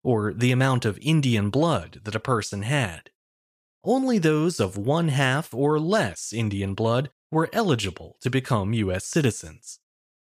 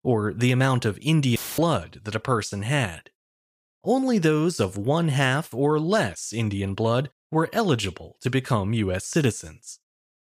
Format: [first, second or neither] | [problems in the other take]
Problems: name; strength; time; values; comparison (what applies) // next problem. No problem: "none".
first | audio cutting out; filled with static; at 1.5 s